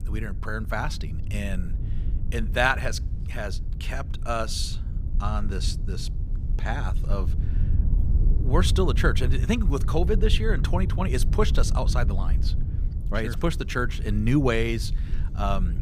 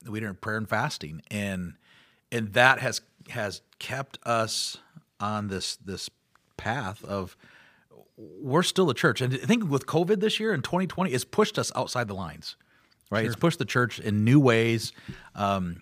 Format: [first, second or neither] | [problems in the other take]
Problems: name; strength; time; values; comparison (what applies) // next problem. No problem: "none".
second | low rumble; noticeable; throughout; 15 dB below the speech